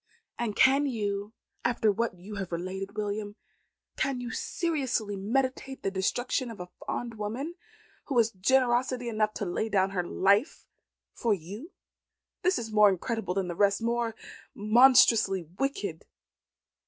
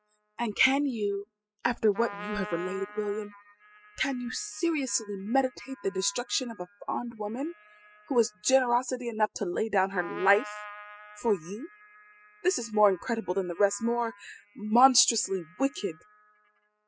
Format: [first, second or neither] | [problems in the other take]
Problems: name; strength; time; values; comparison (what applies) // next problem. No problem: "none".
first | noise reduction (classical method spectral subtraction)